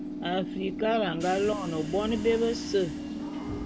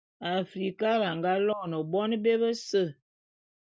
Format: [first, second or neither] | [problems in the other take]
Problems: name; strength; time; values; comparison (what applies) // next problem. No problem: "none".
second | background sound (Subway, metro, underground / Train); 6 dB below the speech